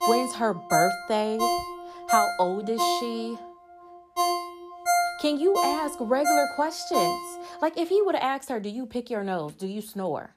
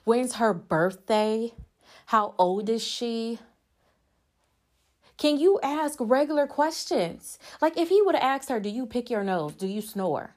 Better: second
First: phone ringing; loud; until 7.5 s; peak 4 dB above the speech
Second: none

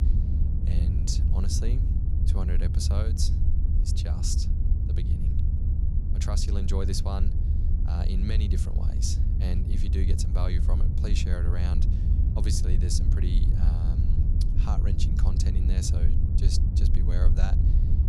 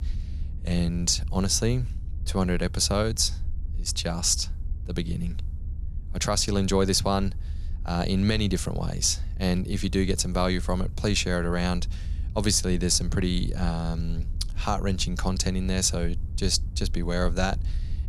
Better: second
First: low rumble; loud; throughout; 3 dB below the speech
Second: low rumble; faint; throughout; 25 dB below the speech

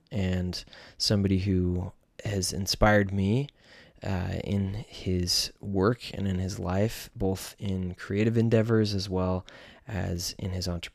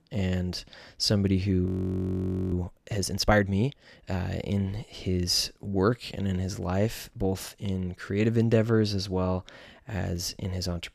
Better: first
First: none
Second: audio freezing; at 1.5 s for 1 s

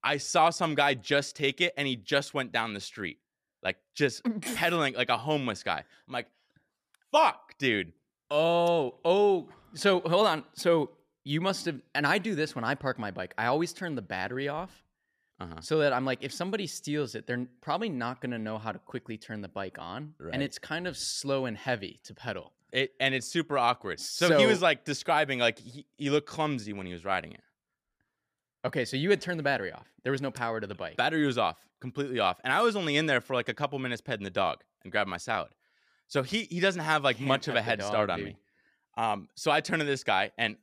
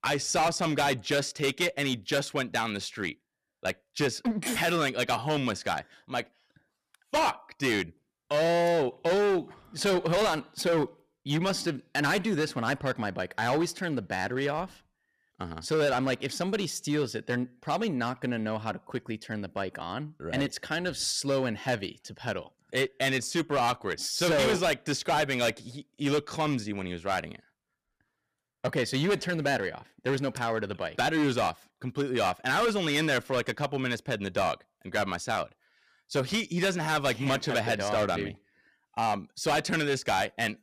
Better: first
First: none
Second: distortion; heavy; 10% of the sound clipped

